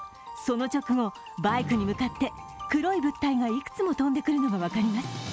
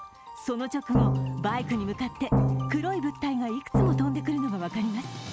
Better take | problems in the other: first | background sound (Drum); 2 dB above the speech

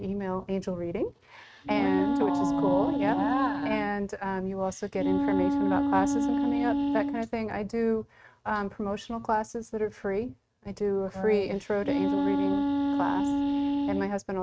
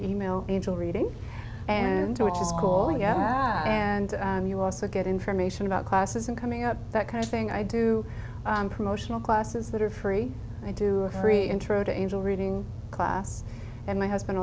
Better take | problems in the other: second | noise reduction (neural mask model RNNoise)

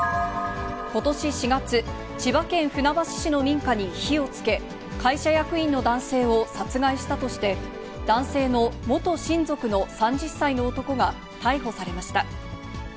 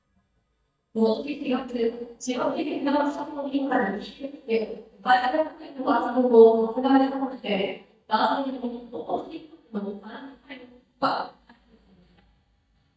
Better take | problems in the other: first | noise reduction (neural mask model DeepFilterNet 3)

